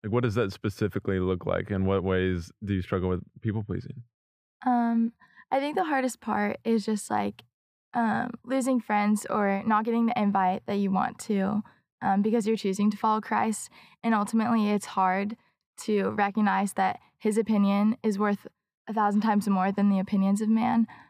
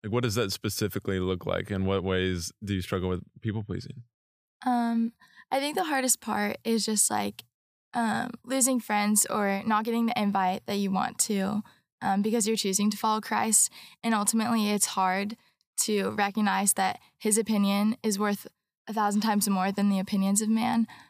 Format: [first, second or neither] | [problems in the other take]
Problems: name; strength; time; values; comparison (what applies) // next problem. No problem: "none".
second | muffled; very; fading above 3.5 kHz